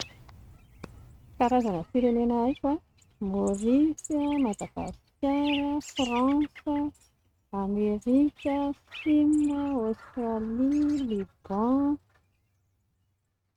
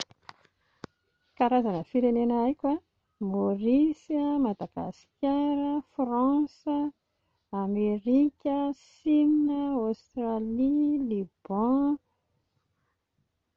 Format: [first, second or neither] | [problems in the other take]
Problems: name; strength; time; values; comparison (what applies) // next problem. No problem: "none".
second | noise reduction (neural mask model RNNoise)